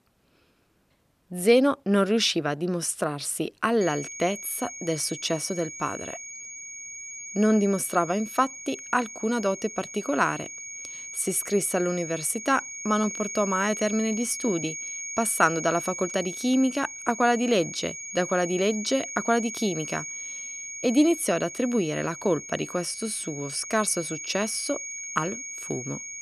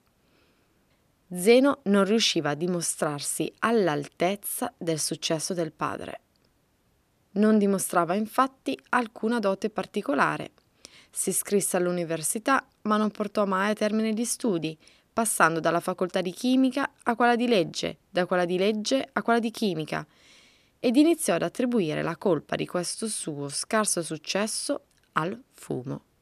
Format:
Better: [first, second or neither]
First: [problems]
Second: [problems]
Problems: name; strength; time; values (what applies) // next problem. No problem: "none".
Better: second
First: high-pitched whine; loud; from 4 s on; 6.5 kHz, 9 dB below the speech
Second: none